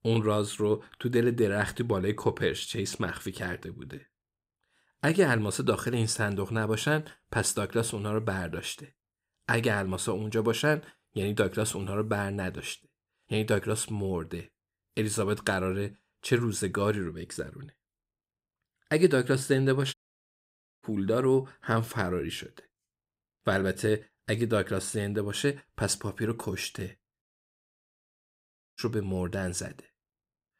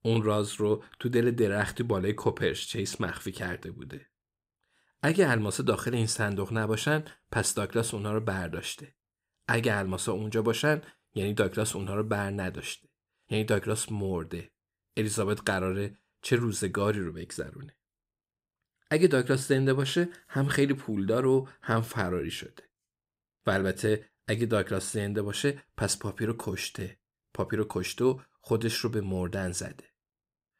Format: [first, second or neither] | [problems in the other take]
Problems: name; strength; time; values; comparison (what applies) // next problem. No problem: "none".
second | audio cutting out; at 20 s for 1 s and at 27 s for 1.5 s